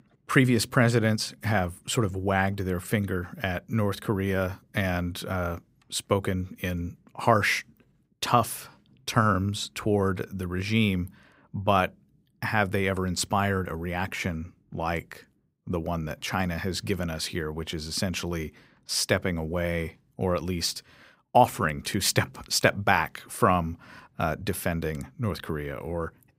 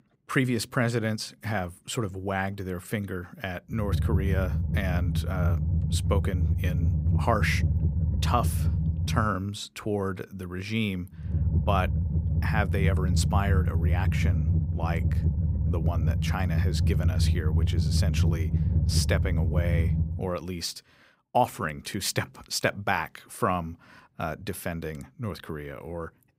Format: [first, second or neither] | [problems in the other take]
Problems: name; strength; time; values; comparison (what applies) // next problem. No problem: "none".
first | low rumble; loud; from 4 to 9 s and from 11 to 20 s; 8 dB below the speech